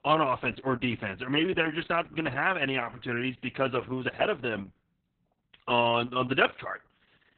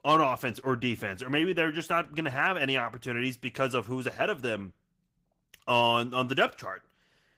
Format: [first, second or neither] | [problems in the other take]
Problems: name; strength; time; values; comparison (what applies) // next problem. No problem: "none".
second | garbled, watery; badly; slightly in the second